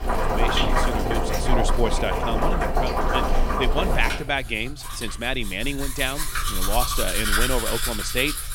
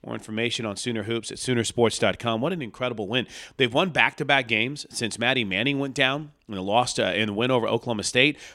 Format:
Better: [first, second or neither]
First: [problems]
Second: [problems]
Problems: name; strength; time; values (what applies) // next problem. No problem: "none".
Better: second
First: household noises; very loud; throughout; 3 dB above the speech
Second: none